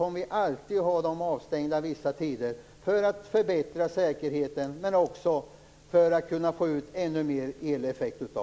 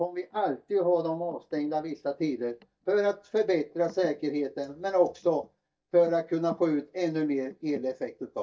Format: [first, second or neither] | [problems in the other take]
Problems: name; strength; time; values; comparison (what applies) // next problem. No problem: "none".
first | noise reduction (neural mask model DeepFilterNet 3)